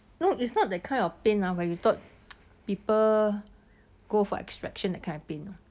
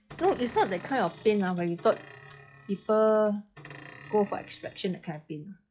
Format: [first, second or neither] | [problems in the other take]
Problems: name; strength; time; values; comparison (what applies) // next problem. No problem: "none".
first | noise reduction (classical method log-MMSE)